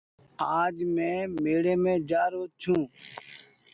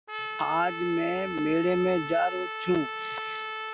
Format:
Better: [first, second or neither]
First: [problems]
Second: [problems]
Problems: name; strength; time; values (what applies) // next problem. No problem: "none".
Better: first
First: none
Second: background sound (Trumpet); 7 dB below the speech